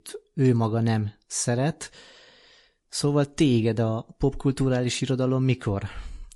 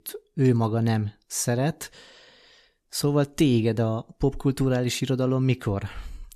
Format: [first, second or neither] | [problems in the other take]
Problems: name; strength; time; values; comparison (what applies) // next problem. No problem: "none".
second | garbled, watery; slightly; nothing above 11.5 kHz